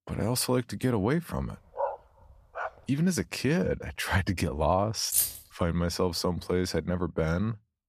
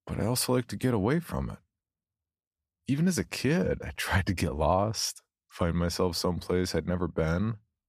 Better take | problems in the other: second | dog barking; noticeable; at 2 s; peak 5 dB below the speech // jangling keys; loud; at 5 s; peak 3 dB above the speech

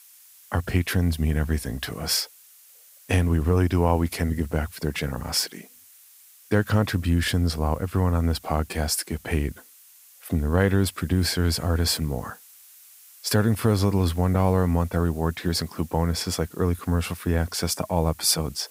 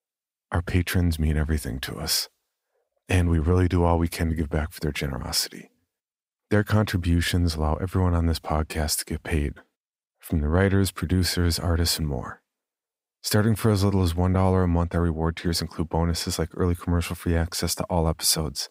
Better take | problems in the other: second | hiss; faint; throughout; 25 dB below the speech

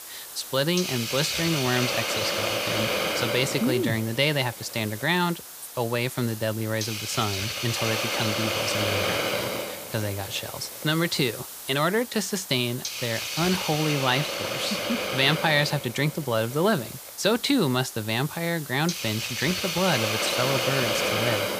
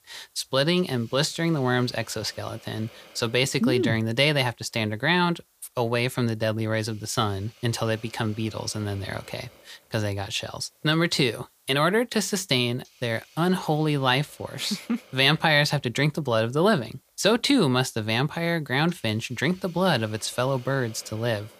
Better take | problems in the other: second | hiss; loud; throughout; 2 dB below the speech; faint in the second

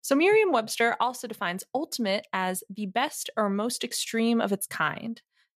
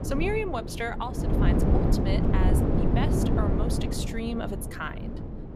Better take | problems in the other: first | wind noise on the microphone; heavy; as loud as the speech

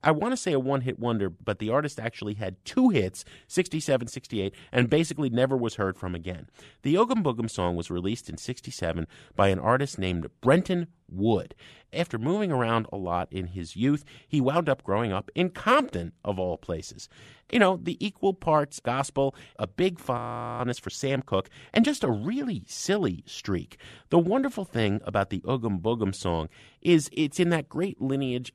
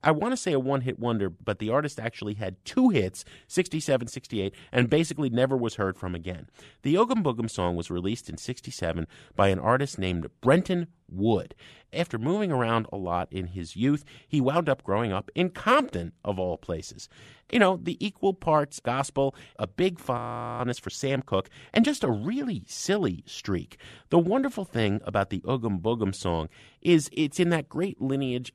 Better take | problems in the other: neither | audio freezing; at 20 s; the same in both

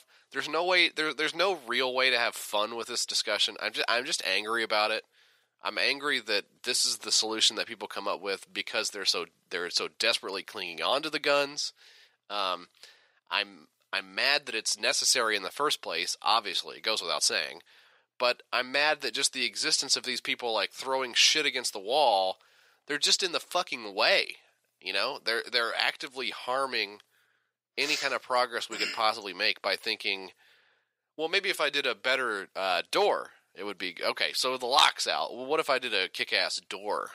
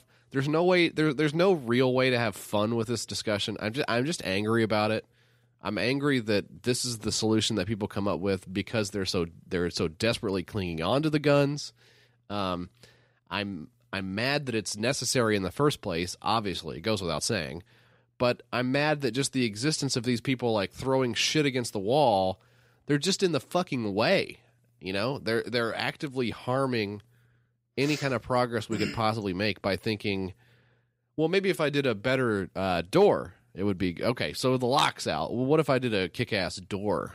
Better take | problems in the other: second | thin; very; fading below 700 Hz

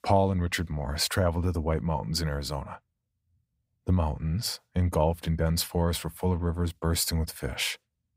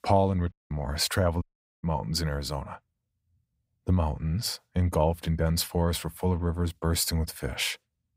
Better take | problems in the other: first | audio cutting out; at 0.5 s and at 1.5 s

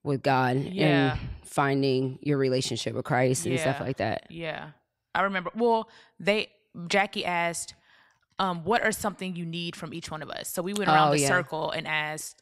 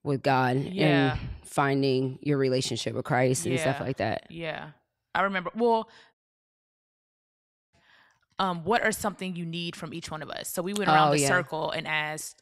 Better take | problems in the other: first | audio cutting out; at 6 s for 1.5 s

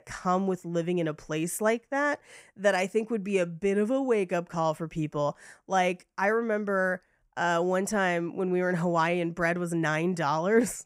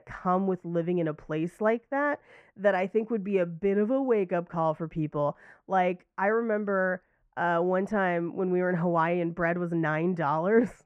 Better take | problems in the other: first | muffled; very; fading above 4 kHz

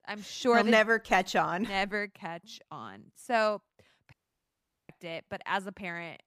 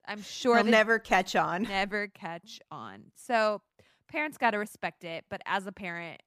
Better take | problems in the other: second | audio cutting out; at 4 s for 1 s

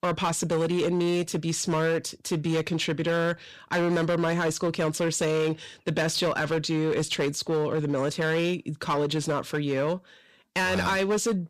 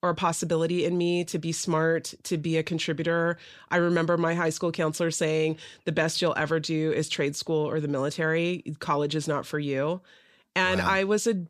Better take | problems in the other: second | distortion; slight; 15% of the sound clipped

